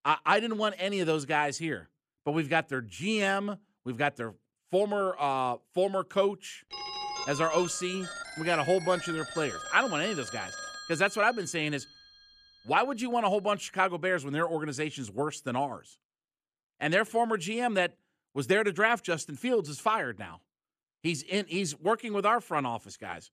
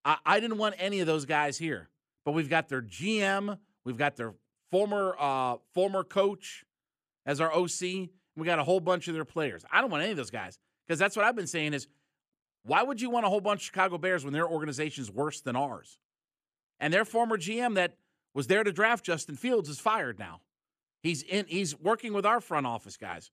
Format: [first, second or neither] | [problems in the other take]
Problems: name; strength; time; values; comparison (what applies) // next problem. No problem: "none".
second | phone ringing; noticeable; from 6.5 to 12 s; peak 5 dB below the speech